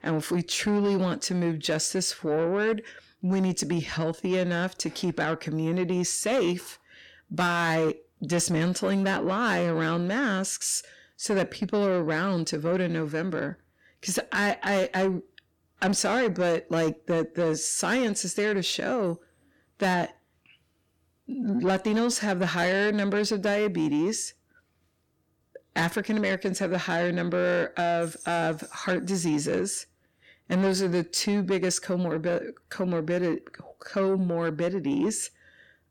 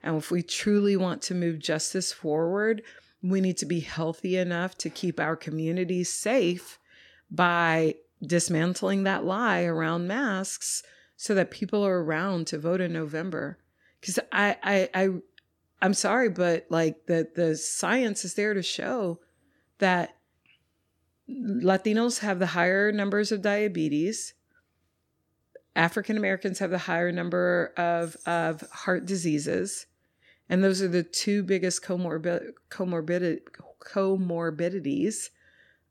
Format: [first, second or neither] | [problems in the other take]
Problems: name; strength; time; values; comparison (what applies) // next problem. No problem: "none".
second | distortion; slight; 10 dB below the speech